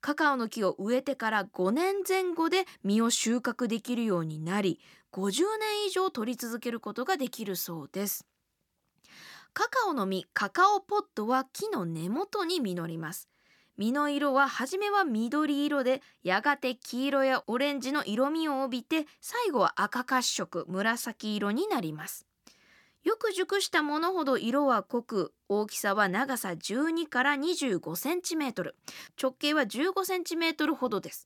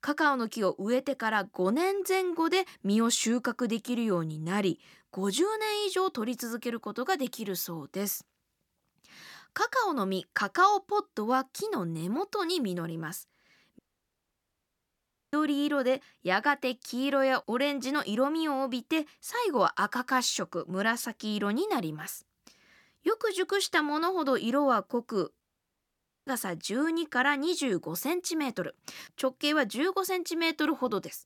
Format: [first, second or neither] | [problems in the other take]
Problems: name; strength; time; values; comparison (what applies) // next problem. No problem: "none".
first | audio cutting out; at 14 s for 1.5 s and at 25 s for 1 s